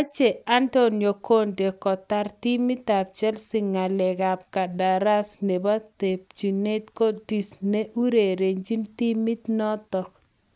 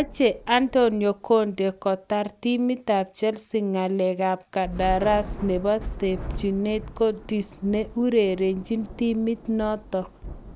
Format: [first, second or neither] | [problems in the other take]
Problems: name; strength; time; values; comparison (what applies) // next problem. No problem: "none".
first | background sound (Thunder / Rain); 14 dB below the speech